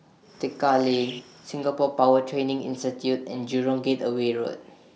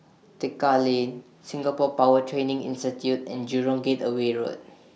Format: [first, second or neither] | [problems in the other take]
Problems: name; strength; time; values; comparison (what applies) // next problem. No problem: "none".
second | background sound (Bird); 18 dB below the speech